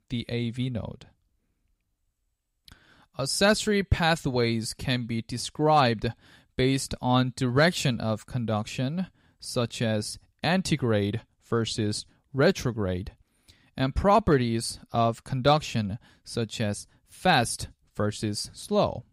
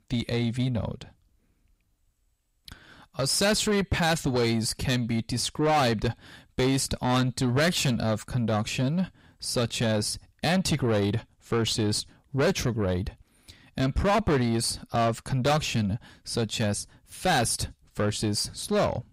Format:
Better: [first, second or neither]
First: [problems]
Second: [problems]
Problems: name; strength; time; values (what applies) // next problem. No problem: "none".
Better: first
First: none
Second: distortion; heavy; 7 dB below the speech